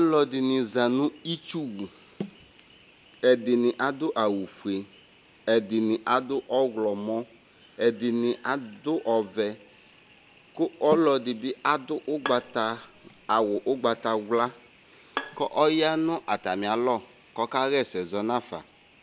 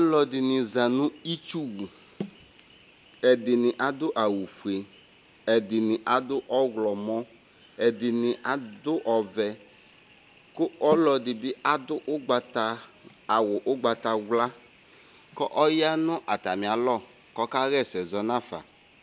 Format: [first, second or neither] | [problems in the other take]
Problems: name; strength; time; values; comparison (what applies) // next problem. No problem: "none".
second | background sound (Bowed string instrument); 14 dB below the speech